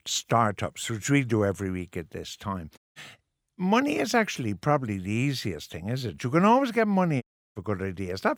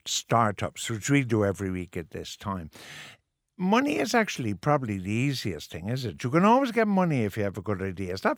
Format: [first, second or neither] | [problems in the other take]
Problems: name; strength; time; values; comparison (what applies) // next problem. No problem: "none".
second | audio cutting out; at 3 s and at 7 s